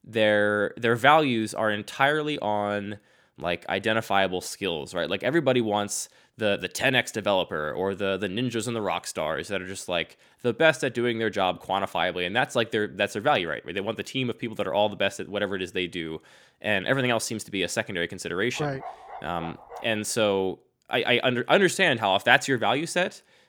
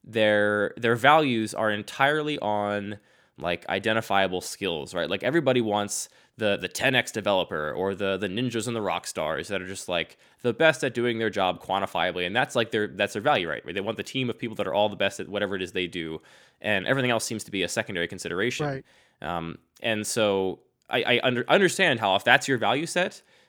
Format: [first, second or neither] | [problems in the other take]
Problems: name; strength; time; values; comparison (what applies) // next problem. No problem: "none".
second | dog barking; faint; from 19 to 20 s; peak 15 dB below the speech